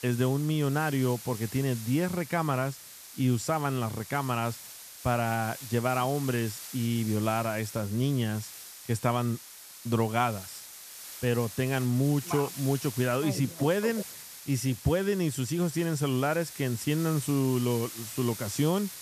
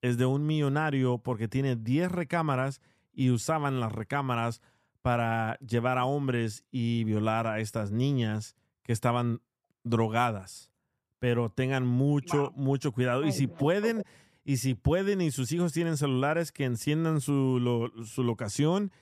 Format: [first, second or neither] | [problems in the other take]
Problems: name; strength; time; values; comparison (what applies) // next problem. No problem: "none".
second | hiss; noticeable; throughout; 10 dB below the speech